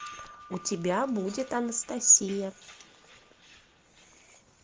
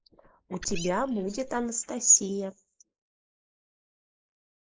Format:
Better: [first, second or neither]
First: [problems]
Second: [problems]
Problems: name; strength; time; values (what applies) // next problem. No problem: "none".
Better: first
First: none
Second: noise reduction (neural mask model Resemble Enhance denoiser)